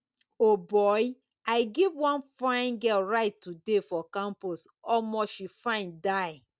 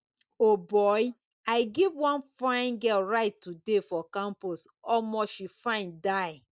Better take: first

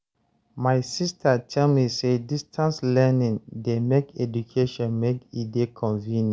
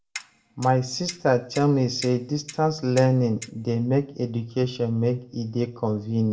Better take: first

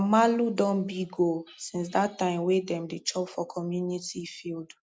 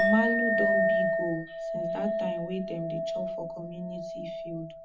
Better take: first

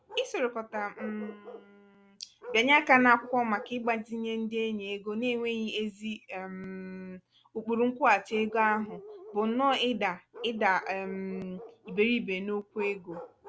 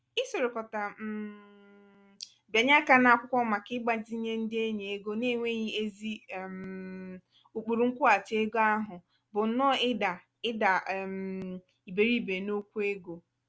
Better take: second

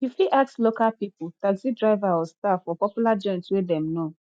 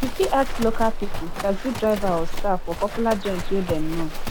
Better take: first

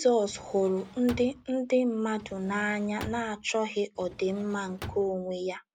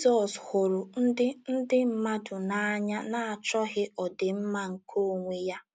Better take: second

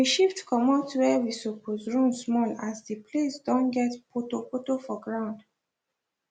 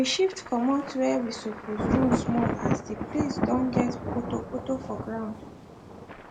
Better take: first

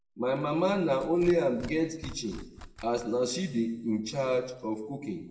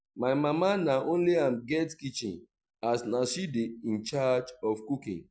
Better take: second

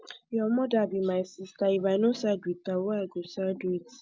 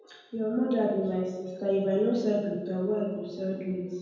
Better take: first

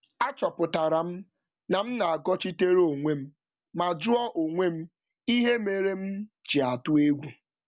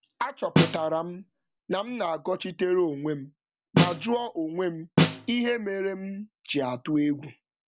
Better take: first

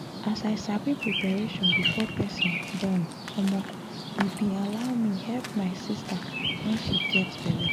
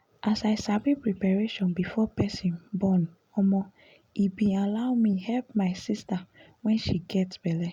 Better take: second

